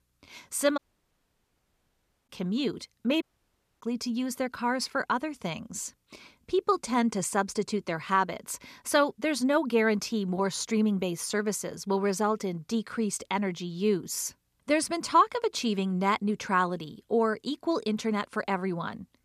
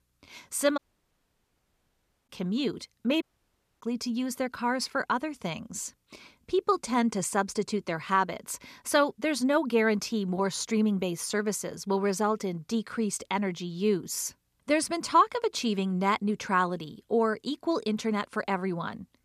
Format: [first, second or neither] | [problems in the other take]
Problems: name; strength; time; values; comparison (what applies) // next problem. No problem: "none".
neither | audio cutting out; at 1 s for 1.5 s and at 3 s for 0.5 s; the same in both